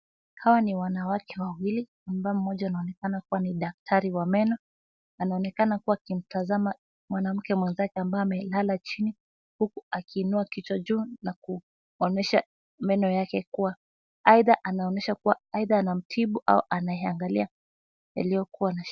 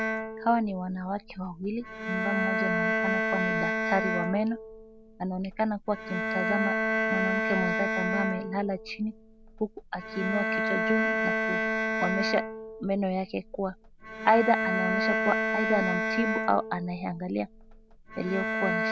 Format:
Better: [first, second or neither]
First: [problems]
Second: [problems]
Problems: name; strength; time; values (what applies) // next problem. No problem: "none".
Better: first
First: none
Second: background sound (Bowed string instrument); as loud as the speech